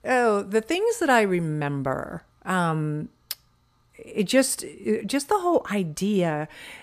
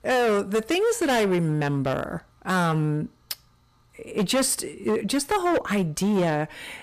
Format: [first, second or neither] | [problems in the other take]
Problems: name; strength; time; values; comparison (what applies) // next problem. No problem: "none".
first | distortion; heavy; 13% of the sound clipped